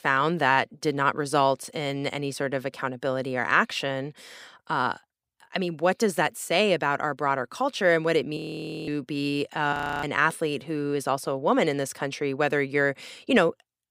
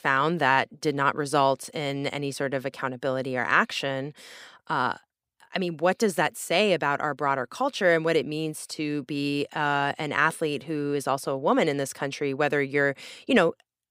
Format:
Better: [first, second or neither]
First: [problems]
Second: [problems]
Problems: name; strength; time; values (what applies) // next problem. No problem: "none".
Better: second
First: audio freezing; at 8.5 s for 0.5 s and at 9.5 s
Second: none